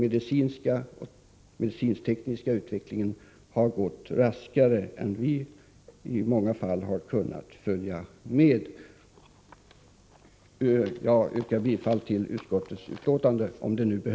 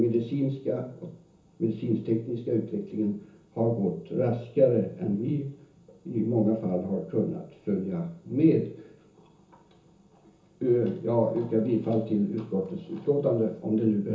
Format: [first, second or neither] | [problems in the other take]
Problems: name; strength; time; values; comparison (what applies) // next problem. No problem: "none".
first | room echo; dies away in 0.7 s